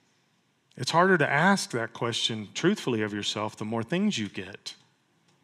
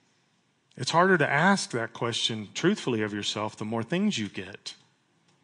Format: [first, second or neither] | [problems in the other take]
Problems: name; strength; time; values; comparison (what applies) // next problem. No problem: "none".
first | garbled, watery; slightly; nothing above 9 kHz